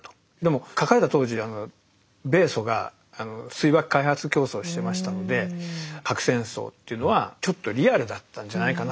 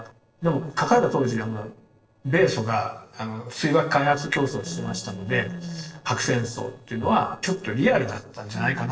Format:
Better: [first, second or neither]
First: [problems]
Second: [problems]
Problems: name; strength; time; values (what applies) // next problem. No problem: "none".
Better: first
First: none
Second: noise reduction (neural separator model SepFormer DNS4)